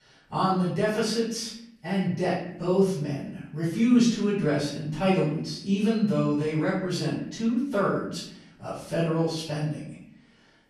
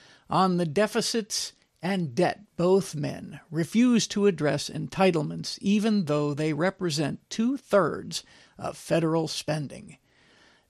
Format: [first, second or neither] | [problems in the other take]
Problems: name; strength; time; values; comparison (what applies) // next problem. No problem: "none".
second | off-mic speech; far // room echo; noticeable; dies away in 0.7 s